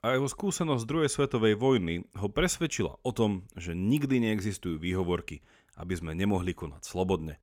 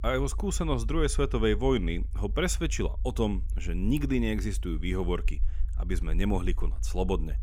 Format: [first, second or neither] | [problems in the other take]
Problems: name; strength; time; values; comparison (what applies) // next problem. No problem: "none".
first | low rumble; faint; throughout; 25 dB below the speech